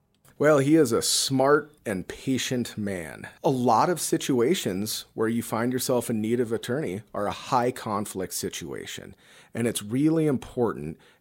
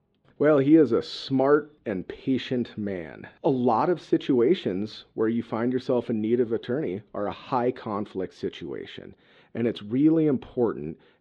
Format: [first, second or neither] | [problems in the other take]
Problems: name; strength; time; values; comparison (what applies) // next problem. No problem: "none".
first | muffled; slightly; fading above 3.5 kHz